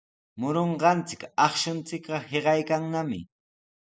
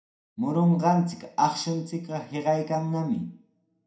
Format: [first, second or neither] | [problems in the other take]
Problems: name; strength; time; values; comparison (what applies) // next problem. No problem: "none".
first | room echo; dies away in 0.4 s